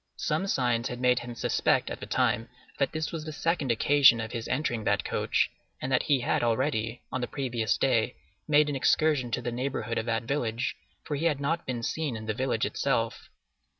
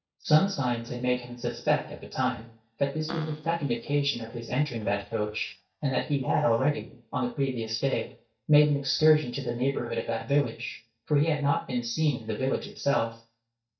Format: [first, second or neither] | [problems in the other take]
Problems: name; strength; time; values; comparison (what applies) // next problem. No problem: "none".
first | noise reduction (neural mask model DeepFilterNet 3)